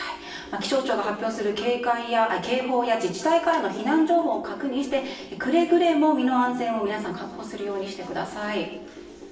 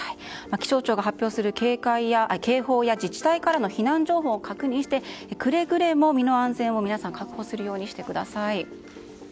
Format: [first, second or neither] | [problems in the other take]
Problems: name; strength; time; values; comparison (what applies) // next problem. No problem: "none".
second | room echo; dies away in 0.8 s